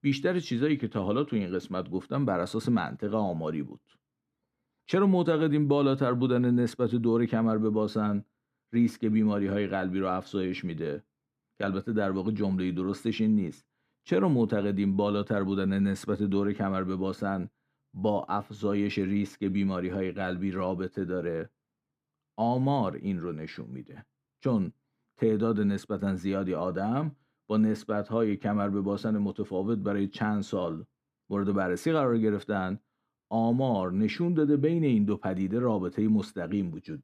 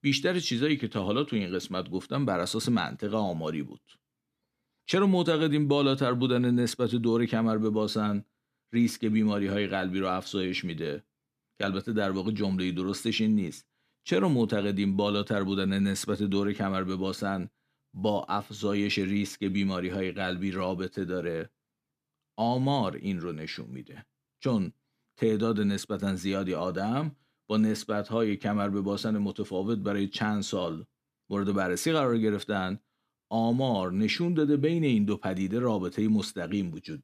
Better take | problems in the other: second | muffled; slightly; fading above 2 kHz

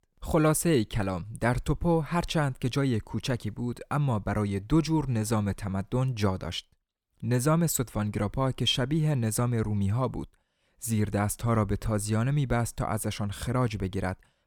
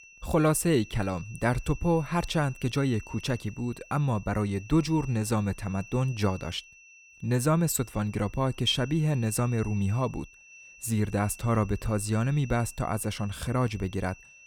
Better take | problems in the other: first | high-pitched whine; faint; throughout; 2.5 kHz, 20 dB below the speech

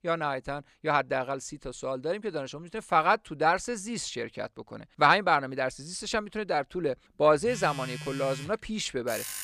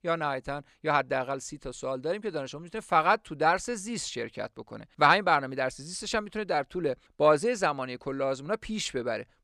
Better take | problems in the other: second | alarms or sirens; noticeable; from 7 s on; 10 dB below the speech

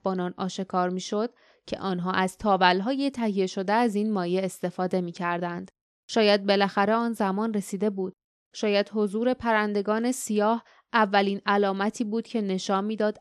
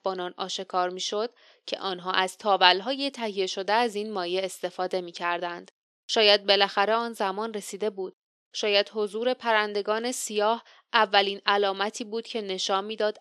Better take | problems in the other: first | thin; somewhat; fading below 400 Hz

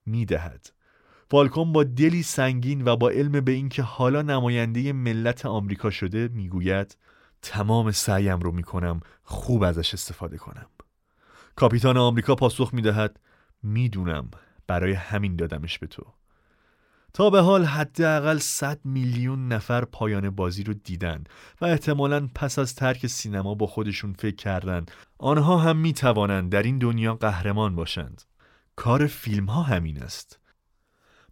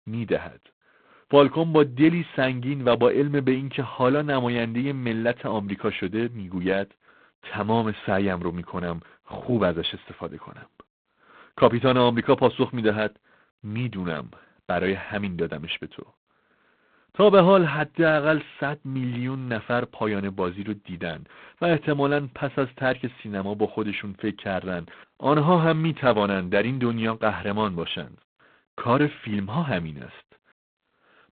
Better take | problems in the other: first | phone-call audio; poor line; nothing above 3.5 kHz

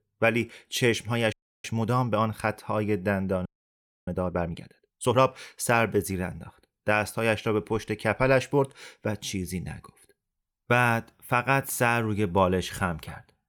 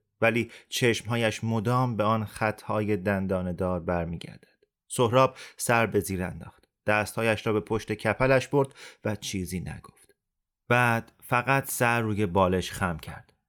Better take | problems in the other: second | audio freezing; at 1.5 s and at 3.5 s for 0.5 s

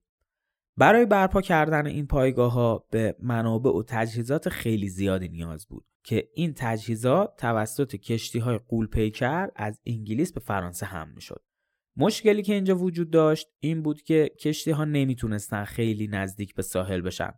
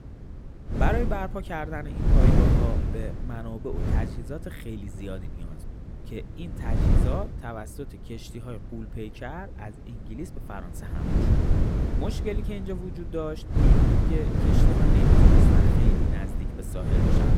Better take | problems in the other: first | wind noise on the microphone; heavy; 4 dB above the speech

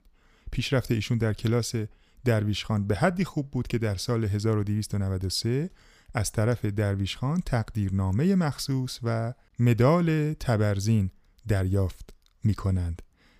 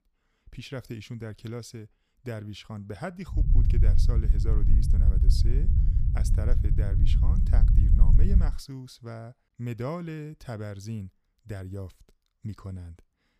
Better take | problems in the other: first | low rumble; loud; from 3.5 to 8.5 s; 1 dB below the speech

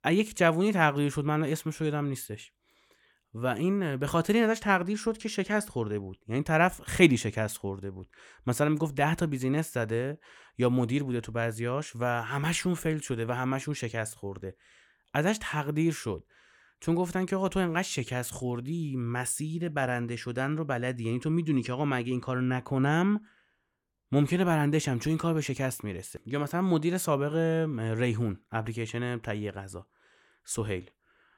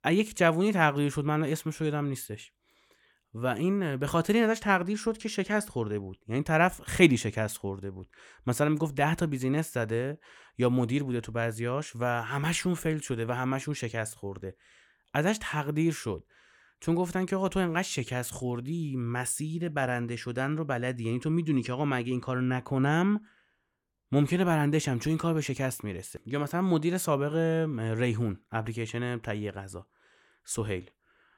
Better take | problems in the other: neither | none

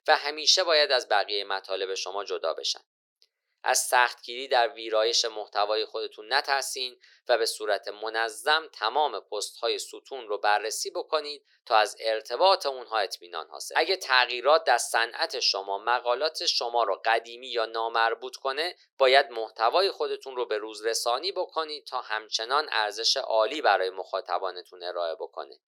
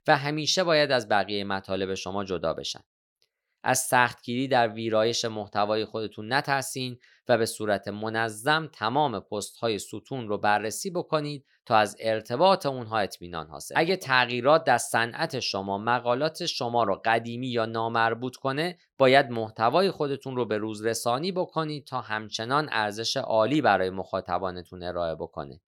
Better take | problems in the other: second | thin; very; fading below 400 Hz

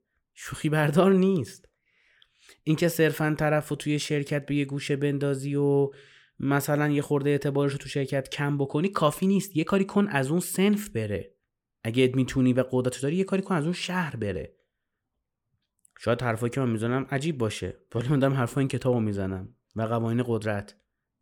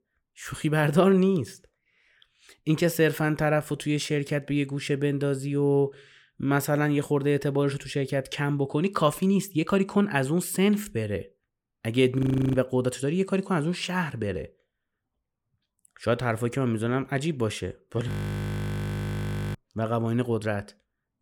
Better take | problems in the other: first | audio freezing; at 12 s and at 18 s for 1.5 s

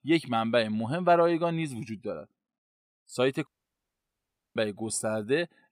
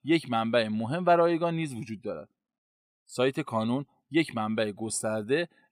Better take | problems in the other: second | audio cutting out; at 3.5 s for 1 s

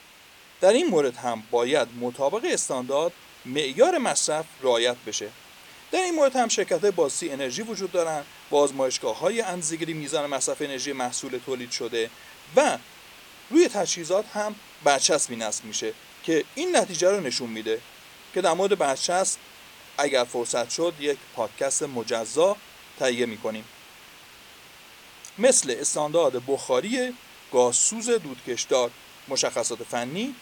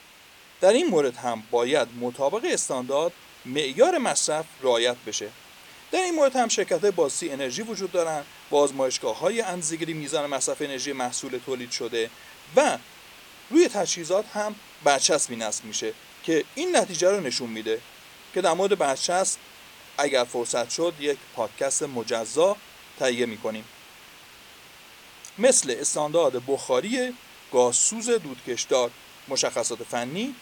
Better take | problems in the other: neither | hiss; faint; throughout; 20 dB below the speech; the same in both

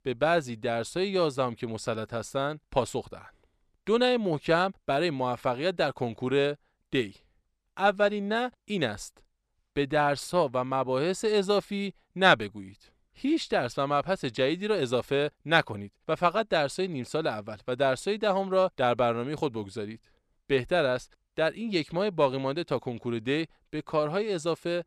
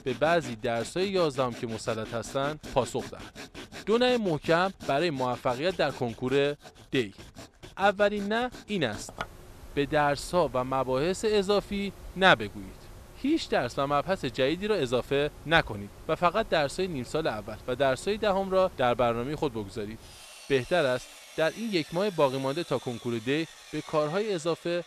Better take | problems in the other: first | machinery noise; noticeable; throughout; 20 dB below the speech

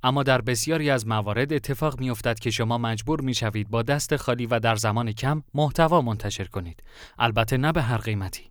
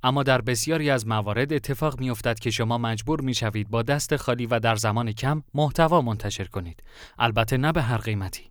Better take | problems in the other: neither | none

